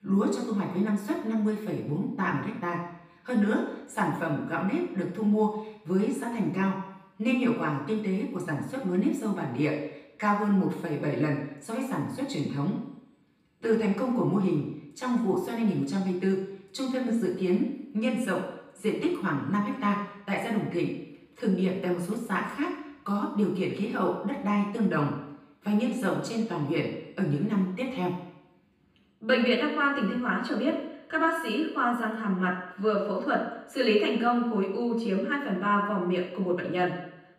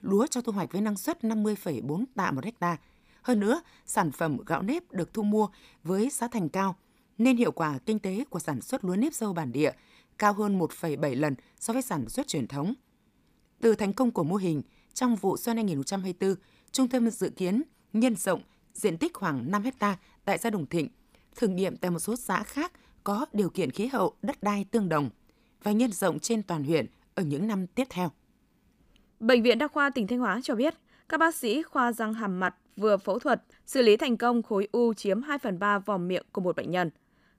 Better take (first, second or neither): second